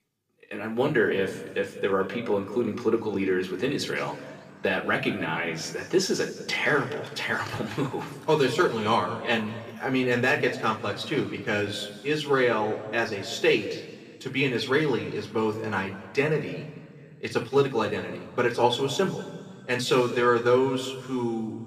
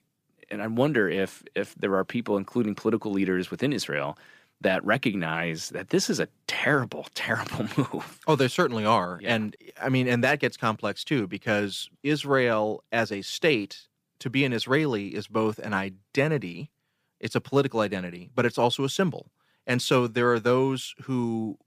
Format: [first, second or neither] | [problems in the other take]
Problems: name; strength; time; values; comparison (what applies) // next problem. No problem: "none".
second | room echo; noticeable; dies away in 1.7 s // off-mic speech; somewhat distant